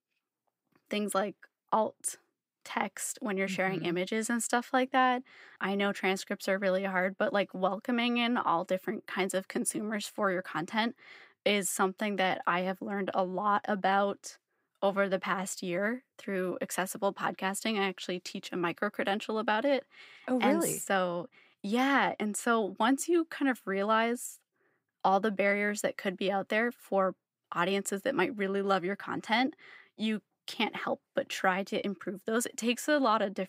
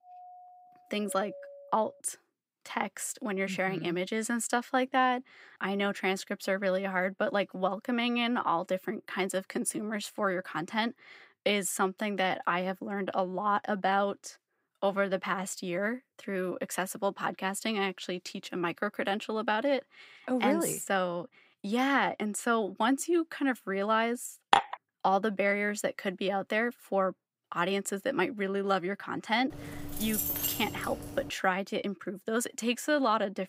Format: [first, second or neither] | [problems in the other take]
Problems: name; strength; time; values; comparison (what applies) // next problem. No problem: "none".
first | doorbell; faint; until 2 s; peak 15 dB below the speech // clattering dishes; loud; at 25 s; peak 4 dB above the speech // jangling keys; loud; from 30 to 31 s; peak 2 dB above the speech